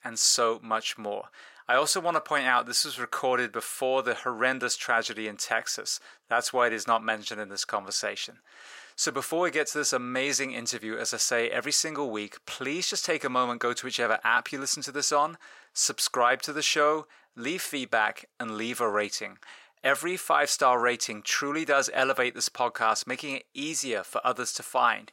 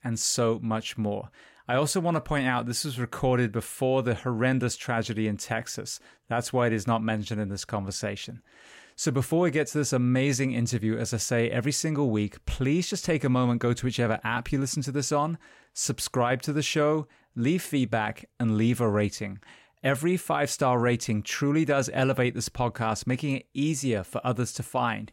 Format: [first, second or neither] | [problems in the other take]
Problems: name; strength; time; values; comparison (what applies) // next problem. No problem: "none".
second | thin; very; fading below 500 Hz